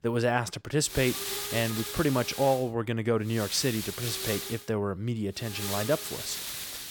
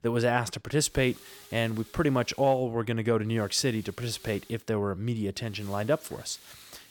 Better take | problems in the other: second | hiss; loud; from 1 to 2.5 s, from 3.5 to 4.5 s and from 5.5 s on; 5 dB below the speech; faint in the second

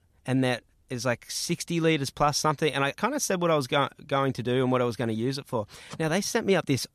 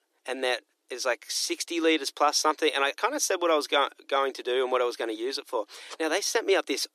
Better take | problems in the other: first | thin; very; fading below 300 Hz

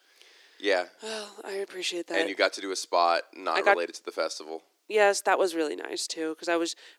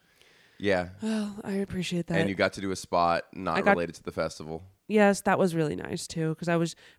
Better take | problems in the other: second | thin; very; fading below 300 Hz

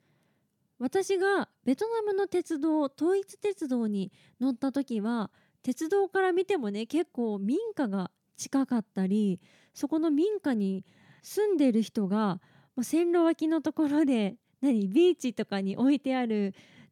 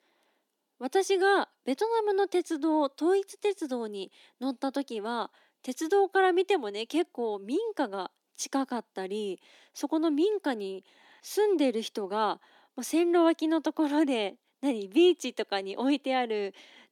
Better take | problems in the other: first | thin; somewhat; fading below 300 Hz

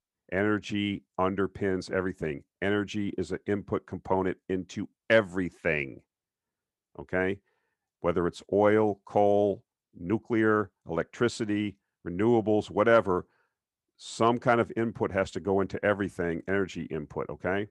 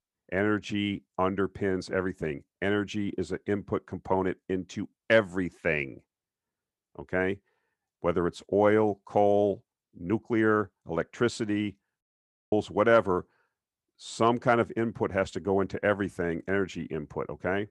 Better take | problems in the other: first | audio cutting out; at 12 s for 0.5 s

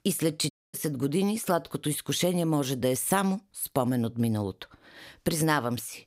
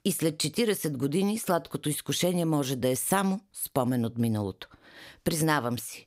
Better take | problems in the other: second | audio cutting out; at 0.5 s

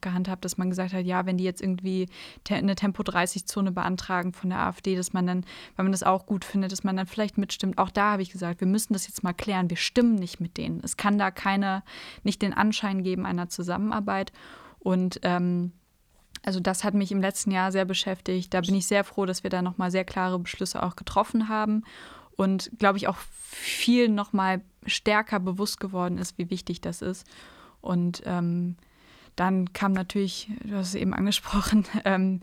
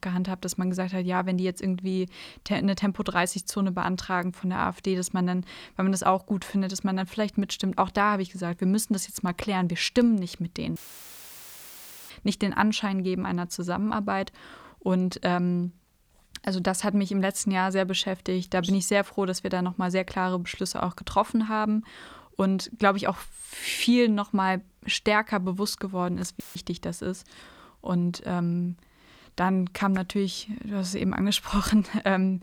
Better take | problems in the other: first | audio cutting out; filled with static; at 11 s for 1.5 s and at 26 s

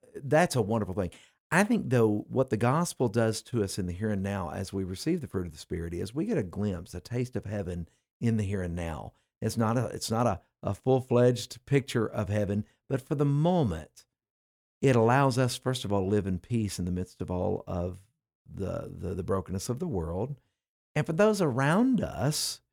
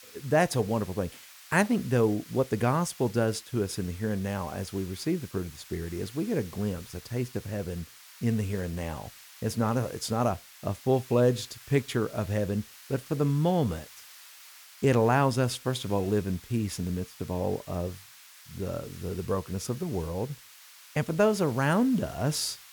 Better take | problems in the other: first | hiss; noticeable; throughout; 20 dB below the speech

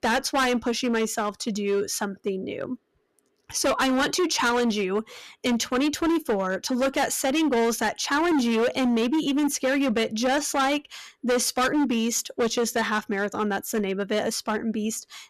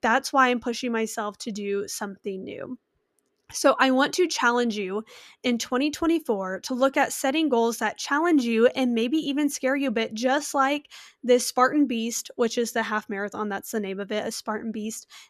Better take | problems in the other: second | distortion; heavy; 16% of the sound clipped

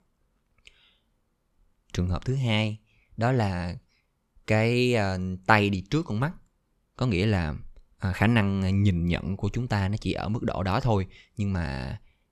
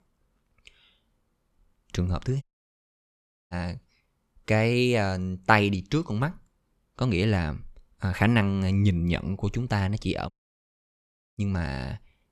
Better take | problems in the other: first | audio cutting out; at 2.5 s for 1 s and at 10 s for 1 s

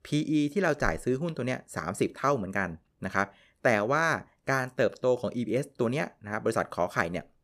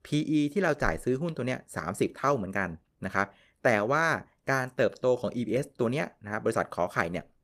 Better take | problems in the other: first | garbled, watery; slightly; nothing above 14.5 kHz

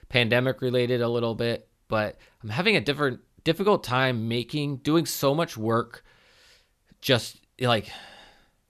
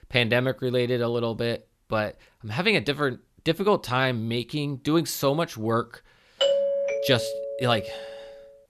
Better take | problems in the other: first | doorbell; loud; from 6.5 to 8 s; peak 3 dB above the speech

